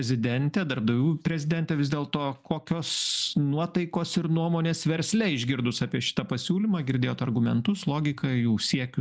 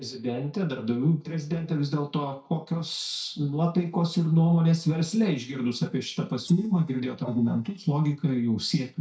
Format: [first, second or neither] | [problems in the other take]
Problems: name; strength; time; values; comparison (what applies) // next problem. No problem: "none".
first | noise reduction (neural mask model DeepFilterNet 3)